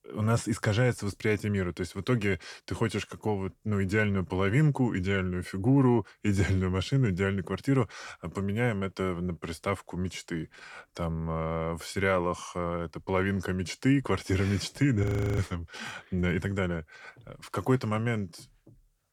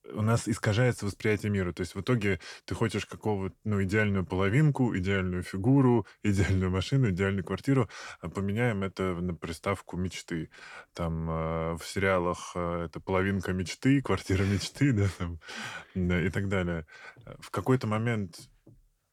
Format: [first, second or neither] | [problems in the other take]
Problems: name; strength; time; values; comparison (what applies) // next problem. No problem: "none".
second | audio freezing; at 15 s